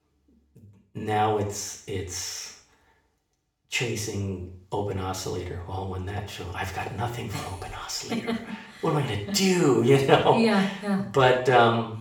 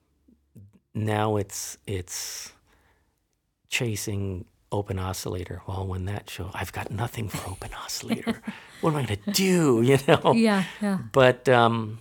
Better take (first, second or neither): second